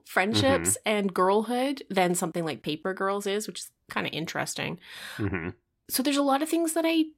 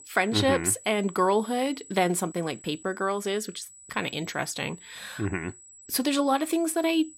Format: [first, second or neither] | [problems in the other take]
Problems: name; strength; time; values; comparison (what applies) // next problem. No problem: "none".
first | high-pitched whine; noticeable; throughout; 8 kHz, 20 dB below the speech